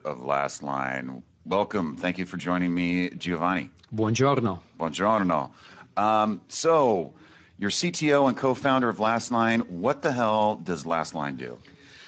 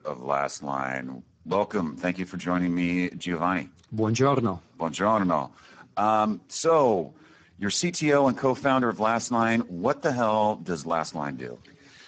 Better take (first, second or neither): first